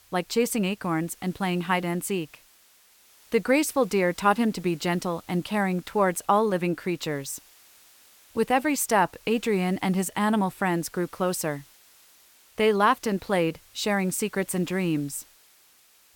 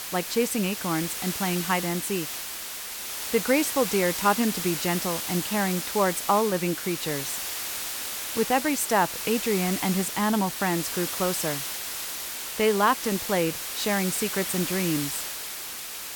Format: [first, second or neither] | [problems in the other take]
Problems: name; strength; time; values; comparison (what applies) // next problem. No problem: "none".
first | hiss; loud; throughout; 4 dB below the speech; faint in the first